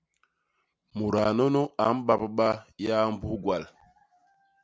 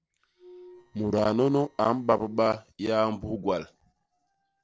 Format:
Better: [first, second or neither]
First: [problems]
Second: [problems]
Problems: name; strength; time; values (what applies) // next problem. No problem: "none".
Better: first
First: none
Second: noise reduction (neural separator model SepFormer DNS4)